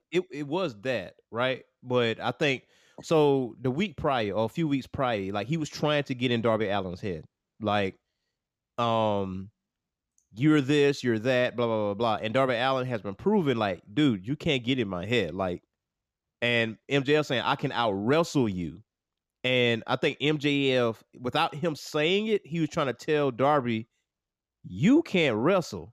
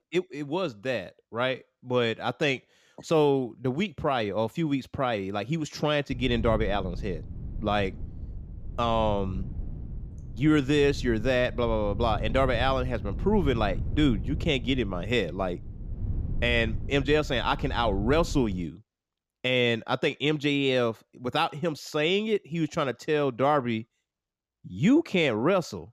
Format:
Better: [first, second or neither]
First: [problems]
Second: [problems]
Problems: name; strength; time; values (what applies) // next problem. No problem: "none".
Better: first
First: none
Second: wind noise on the microphone; occasional gusts; from 6 to 19 s; 20 dB below the speech